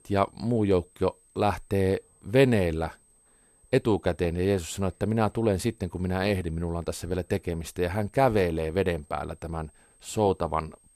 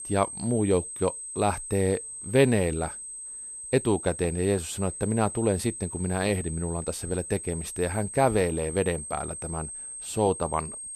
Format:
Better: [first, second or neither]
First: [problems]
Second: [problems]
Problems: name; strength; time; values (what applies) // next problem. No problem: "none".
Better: first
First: high-pitched whine; faint; throughout; 8 kHz, 30 dB below the speech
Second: high-pitched whine; loud; throughout; 8 kHz, 8 dB below the speech